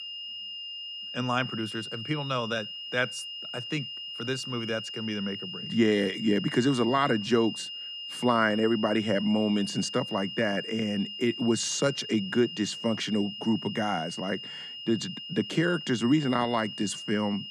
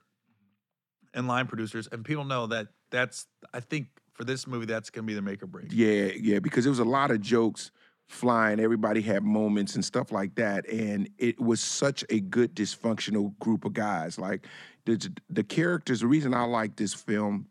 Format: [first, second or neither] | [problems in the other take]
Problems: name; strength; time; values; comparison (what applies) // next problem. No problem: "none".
second | high-pitched whine; loud; throughout; 3 kHz, 8 dB below the speech